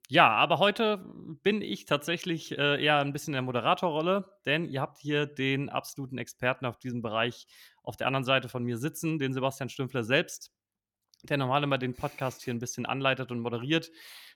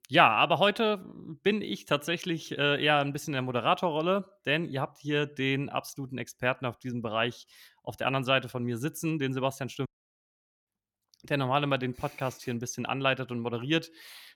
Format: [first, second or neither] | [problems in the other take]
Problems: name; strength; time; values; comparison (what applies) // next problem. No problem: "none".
first | audio cutting out; at 10 s for 1 s